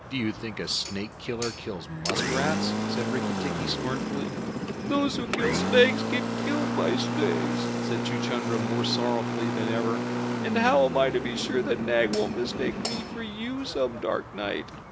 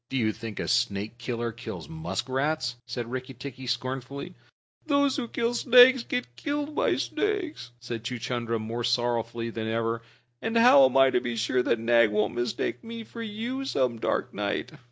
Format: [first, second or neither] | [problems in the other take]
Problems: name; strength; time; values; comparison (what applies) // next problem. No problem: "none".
second | background sound (Engine); 1 dB below the speech